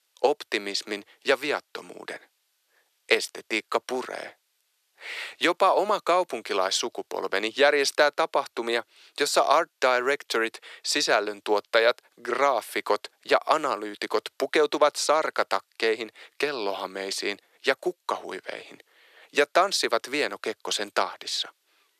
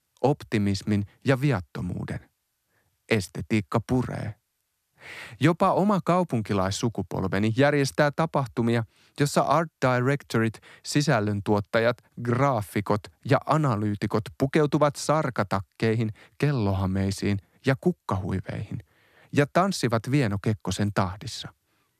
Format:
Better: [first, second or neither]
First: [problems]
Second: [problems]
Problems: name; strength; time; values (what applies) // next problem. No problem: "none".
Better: second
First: thin; very; fading below 400 Hz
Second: none